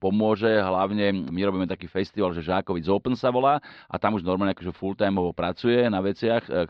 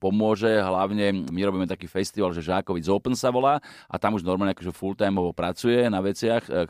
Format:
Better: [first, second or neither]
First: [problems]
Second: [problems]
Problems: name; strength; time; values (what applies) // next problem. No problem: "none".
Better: second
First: muffled; very slightly; fading above 4 kHz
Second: none